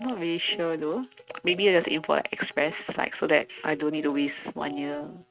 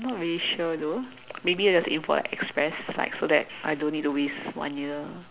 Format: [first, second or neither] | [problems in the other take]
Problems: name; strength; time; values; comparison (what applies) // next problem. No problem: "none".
second | noise reduction (neural mask model RNNoise)